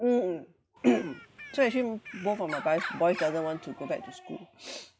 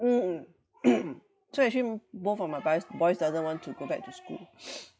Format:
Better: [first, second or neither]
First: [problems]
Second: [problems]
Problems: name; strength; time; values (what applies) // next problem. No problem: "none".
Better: second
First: background sound (Bird); 13 dB below the speech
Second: none